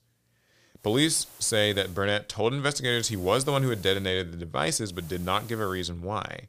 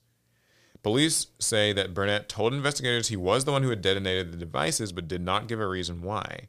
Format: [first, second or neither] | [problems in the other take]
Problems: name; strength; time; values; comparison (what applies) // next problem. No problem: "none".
second | hiss; faint; from 1 to 2 s, from 3 to 4 s and at 5 s; 20 dB below the speech